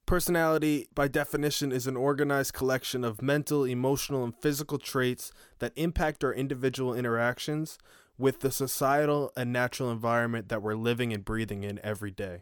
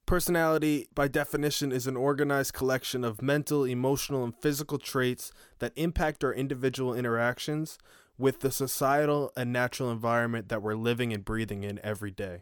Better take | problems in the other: neither | none

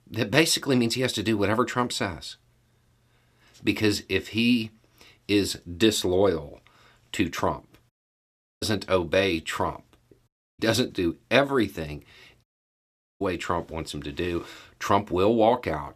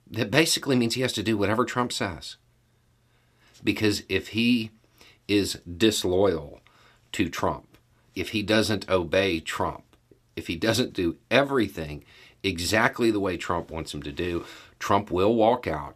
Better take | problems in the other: second | audio cutting out; at 8 s for 0.5 s, at 10 s and at 12 s for 1 s

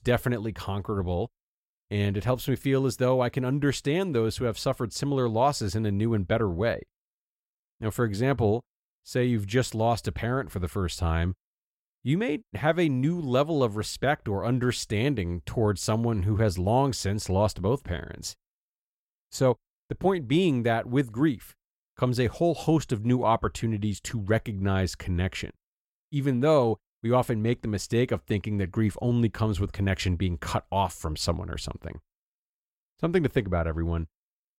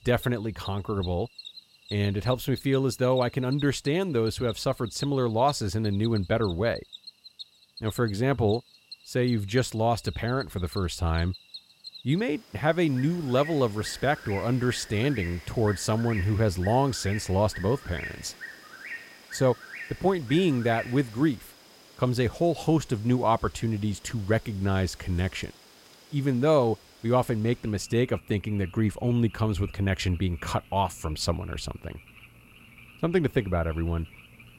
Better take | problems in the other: first | animal sounds; noticeable; throughout; 15 dB below the speech

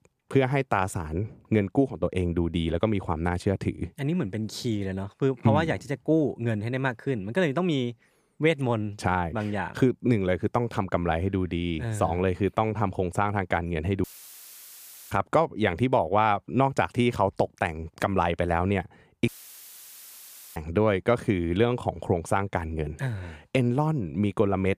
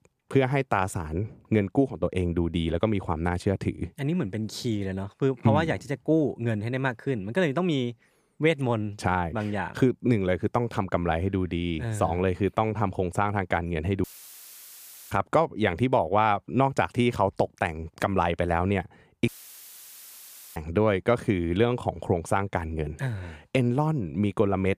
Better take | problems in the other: neither | audio cutting out; filled with static; at 14 s for 1 s and at 19 s for 1.5 s; the same in both

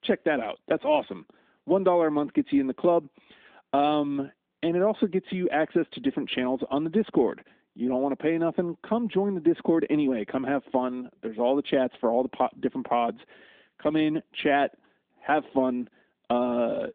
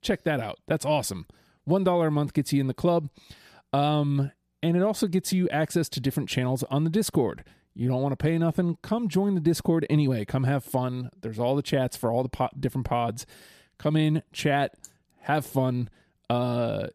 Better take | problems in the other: second | phone-call audio

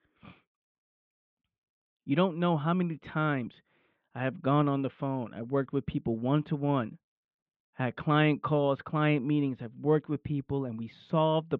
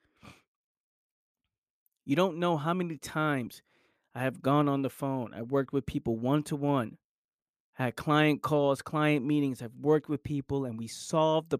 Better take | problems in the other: second | muffled; very; fading above 3.5 kHz

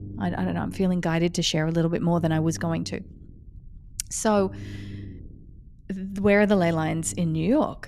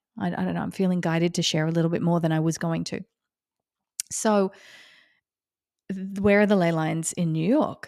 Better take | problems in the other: second | low rumble; faint; throughout; 25 dB below the speech

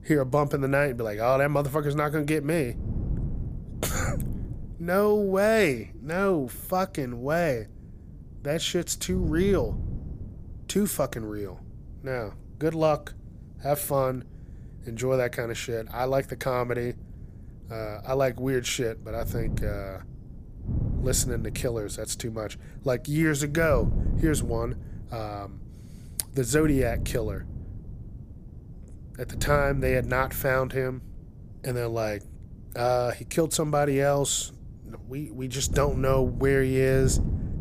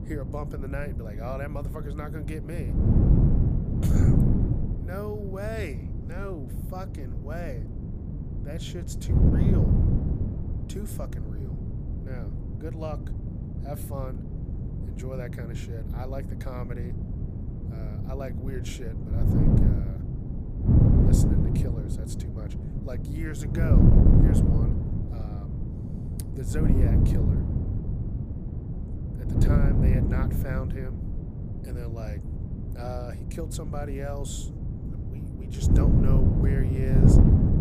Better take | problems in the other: first | wind noise on the microphone; heavy; 3 dB above the speech; occasional gusts in the first

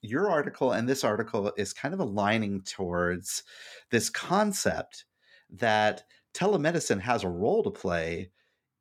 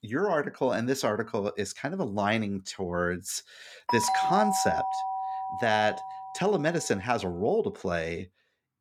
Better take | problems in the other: first | doorbell; loud; from 4 to 6.5 s; peak 2 dB above the speech

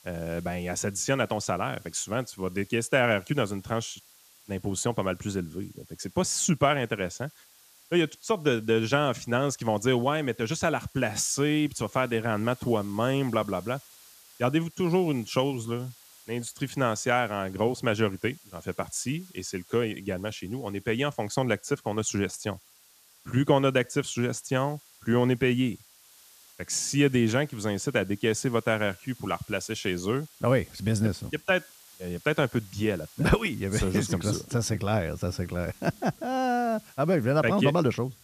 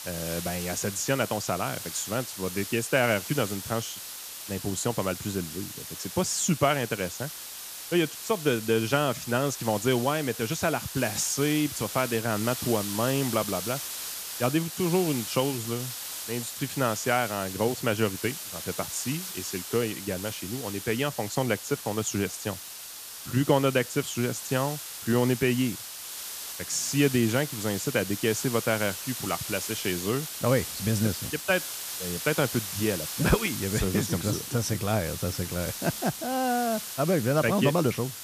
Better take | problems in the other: first | hiss; loud; throughout; 7 dB below the speech; faint in the first

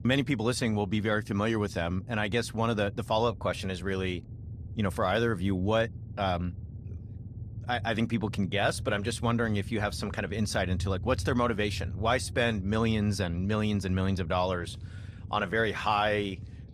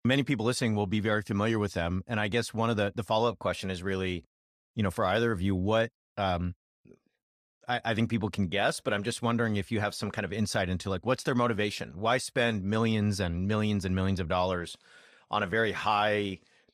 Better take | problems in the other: second | low rumble; faint; throughout; 25 dB below the speech

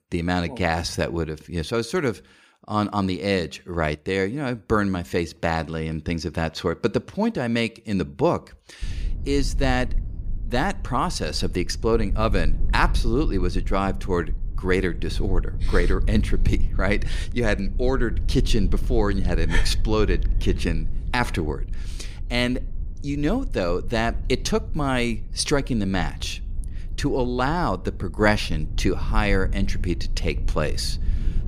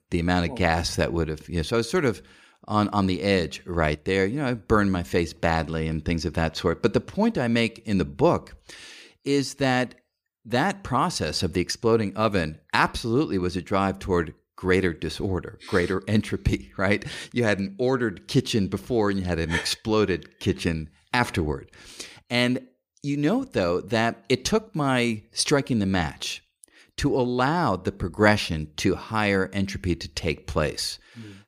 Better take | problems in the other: second | low rumble; faint; from 9 s on; 20 dB below the speech

